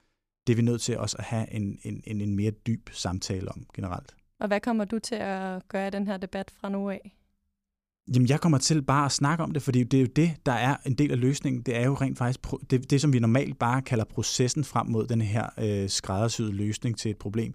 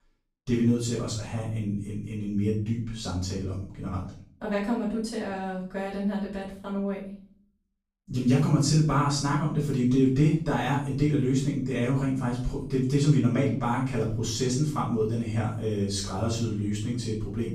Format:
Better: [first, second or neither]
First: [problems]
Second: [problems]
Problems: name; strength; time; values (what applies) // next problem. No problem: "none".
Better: first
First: none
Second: off-mic speech; far // room echo; noticeable; dies away in 0.5 s